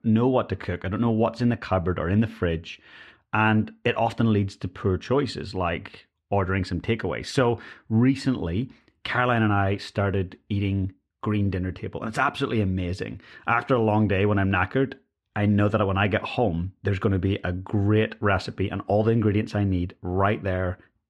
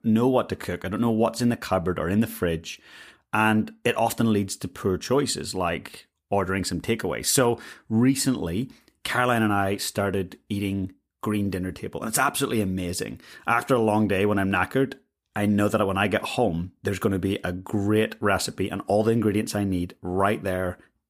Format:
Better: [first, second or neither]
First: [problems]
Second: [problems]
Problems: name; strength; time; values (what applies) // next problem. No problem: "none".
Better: second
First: muffled; slightly; fading above 3 kHz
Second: none